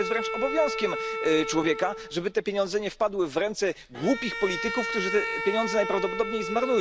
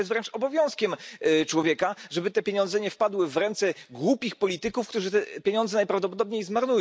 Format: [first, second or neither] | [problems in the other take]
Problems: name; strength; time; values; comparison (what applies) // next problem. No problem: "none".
second | background sound (Bowed string instrument); 6 dB below the speech